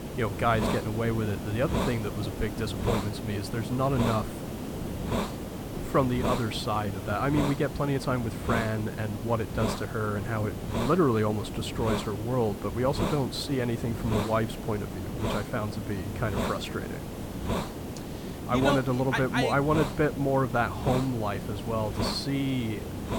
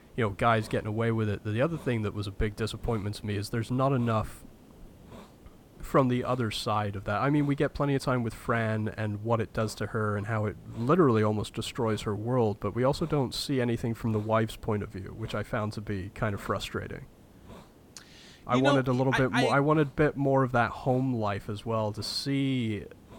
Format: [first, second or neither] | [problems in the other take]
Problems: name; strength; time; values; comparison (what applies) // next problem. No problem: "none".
second | hiss; loud; throughout; 5 dB below the speech; faint in the second